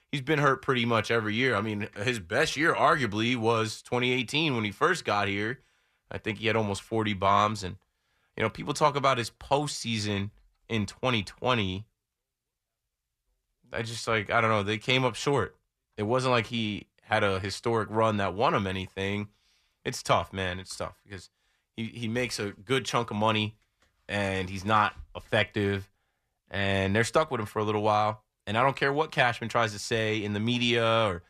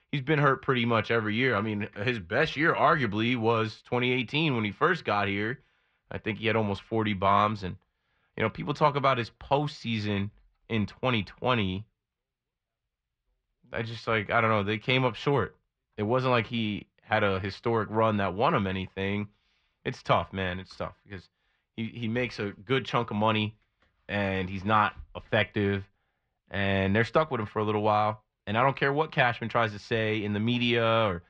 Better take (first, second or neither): first